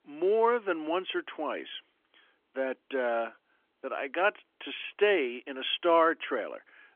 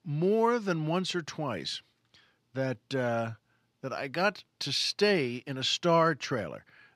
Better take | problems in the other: second | phone-call audio; nothing above 3.5 kHz

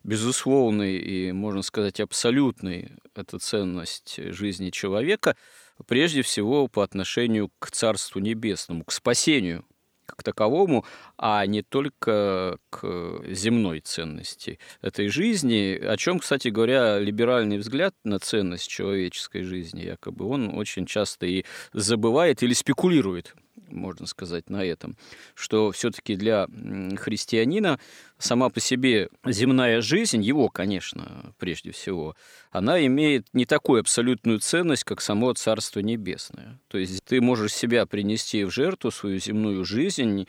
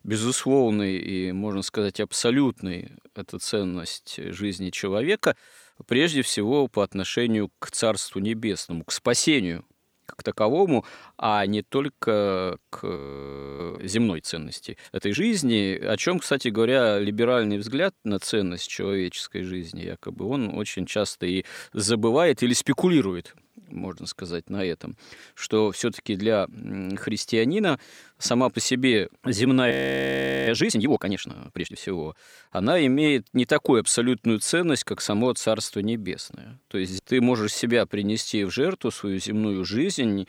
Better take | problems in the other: first | audio freezing; at 13 s for 0.5 s and at 30 s for 1 s

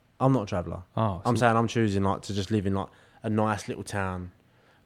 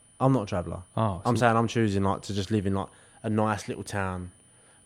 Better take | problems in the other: first | high-pitched whine; faint; throughout; 9.5 kHz, 30 dB below the speech

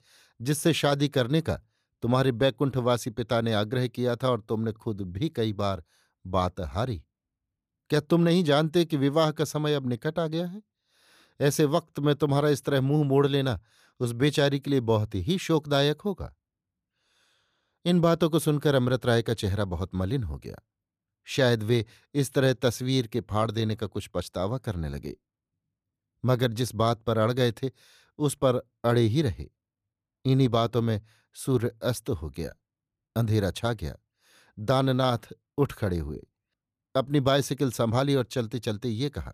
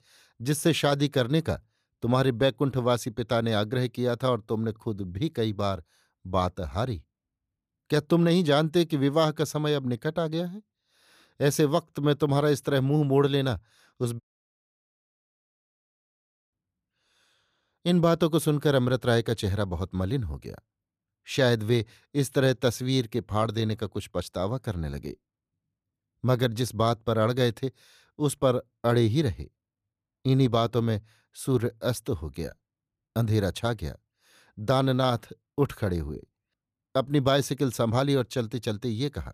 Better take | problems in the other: first | audio cutting out; at 14 s for 2.5 s

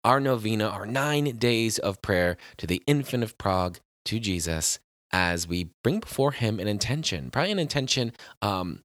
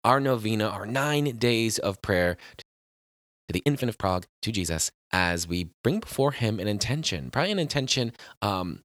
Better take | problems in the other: first | audio freezing; at 2.5 s for 1 s

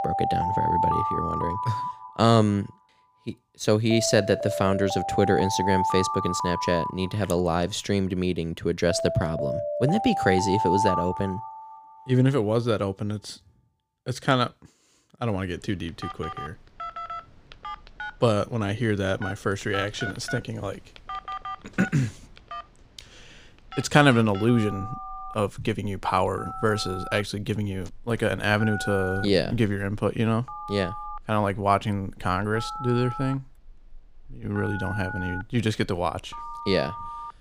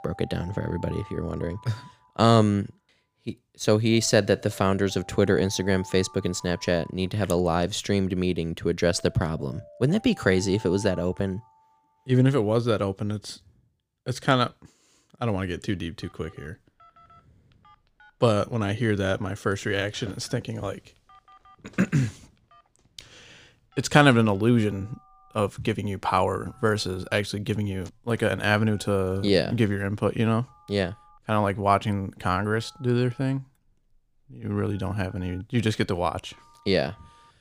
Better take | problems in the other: second | alarms or sirens; loud; throughout; 6 dB below the speech; faint in the second

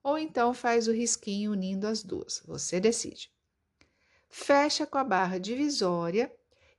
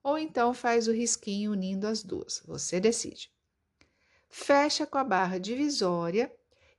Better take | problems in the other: neither | none

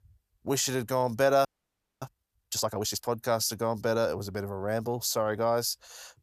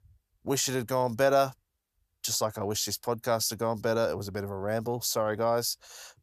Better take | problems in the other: second | audio freezing; at 1.5 s for 0.5 s

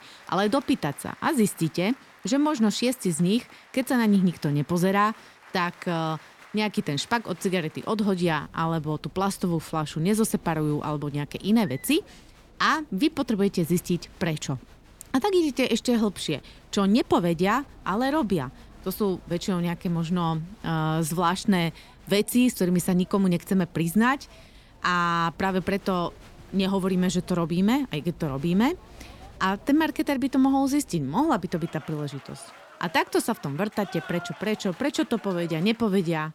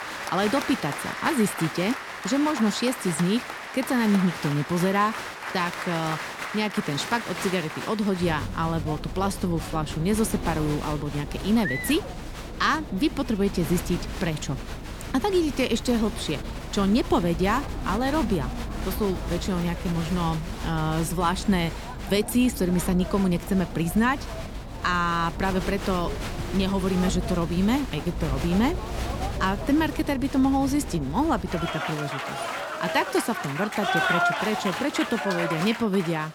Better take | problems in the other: first | crowd noise; loud; throughout; 6 dB below the speech; faint in the first

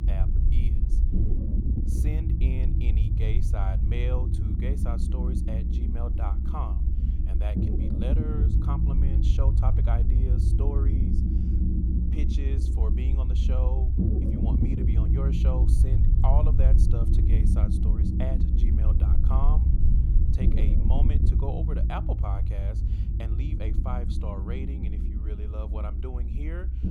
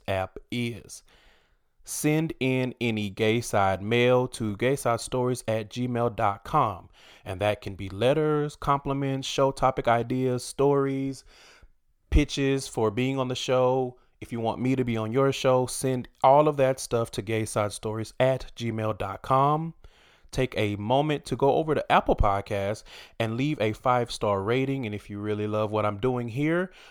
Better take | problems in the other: second | low rumble; loud; throughout; as loud as the speech

